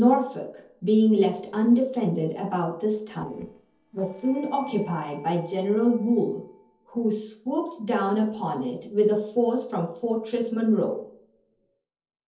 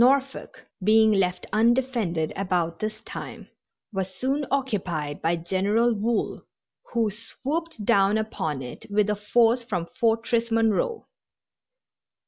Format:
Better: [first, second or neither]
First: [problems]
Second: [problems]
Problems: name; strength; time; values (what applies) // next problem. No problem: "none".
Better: second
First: noise reduction (neural separator model SepFormer DNS4)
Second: none